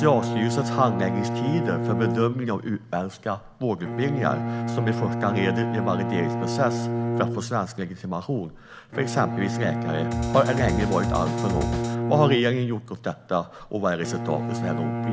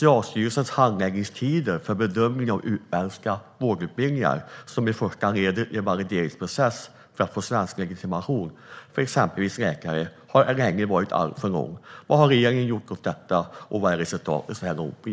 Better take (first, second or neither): second